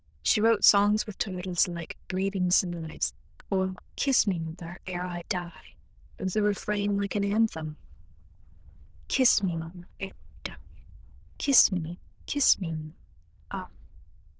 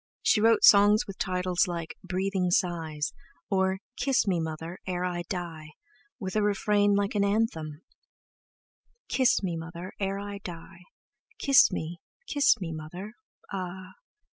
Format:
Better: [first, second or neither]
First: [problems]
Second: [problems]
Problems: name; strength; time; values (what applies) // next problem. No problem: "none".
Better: second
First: noise reduction (neural diffusion model UNIVERSE++)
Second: none